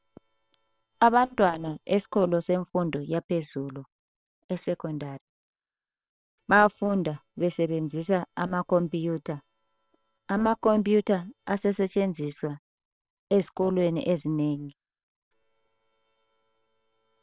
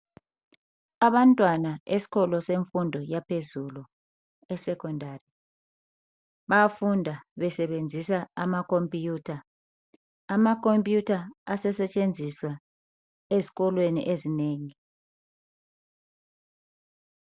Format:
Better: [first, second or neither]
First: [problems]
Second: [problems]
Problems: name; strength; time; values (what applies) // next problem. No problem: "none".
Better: second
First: noise reduction (neural separator model SepFormer WHAM!)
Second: none